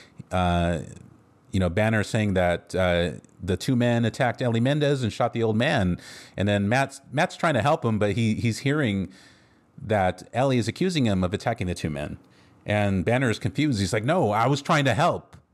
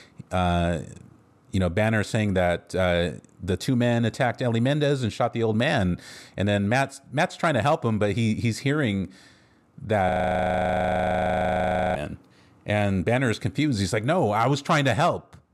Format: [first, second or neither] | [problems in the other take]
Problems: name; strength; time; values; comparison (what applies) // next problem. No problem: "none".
first | audio freezing; at 10 s for 2 s